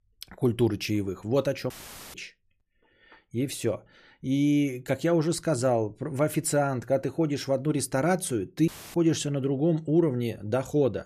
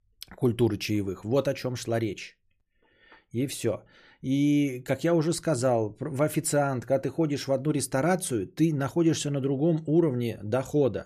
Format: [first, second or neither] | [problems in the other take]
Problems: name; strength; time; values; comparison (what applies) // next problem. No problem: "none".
second | audio cutting out; filled with static; at 1.5 s and at 8.5 s